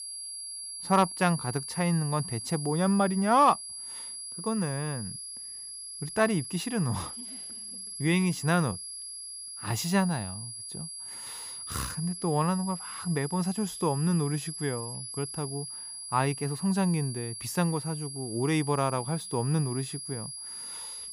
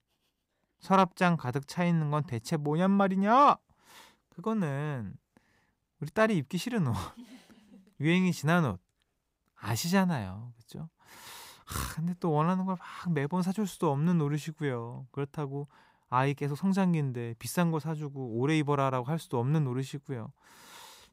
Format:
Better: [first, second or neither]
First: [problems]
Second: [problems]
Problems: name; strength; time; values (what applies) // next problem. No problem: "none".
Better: second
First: high-pitched whine; loud; throughout; 11 kHz, 8 dB below the speech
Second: none